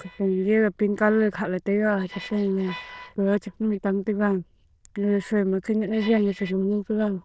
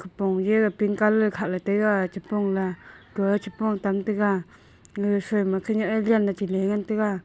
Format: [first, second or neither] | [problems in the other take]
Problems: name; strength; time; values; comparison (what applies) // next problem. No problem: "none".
second | noise reduction (neural diffusion model UNIVERSE++)